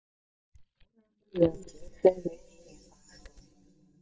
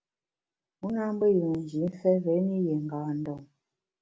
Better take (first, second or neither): second